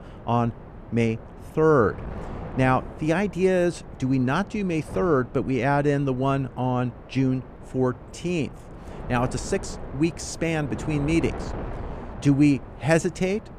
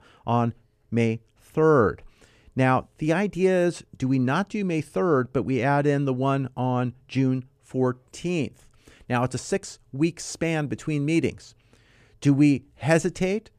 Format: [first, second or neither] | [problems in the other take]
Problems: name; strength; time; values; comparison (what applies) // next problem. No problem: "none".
second | wind noise on the microphone; occasional gusts; 15 dB below the speech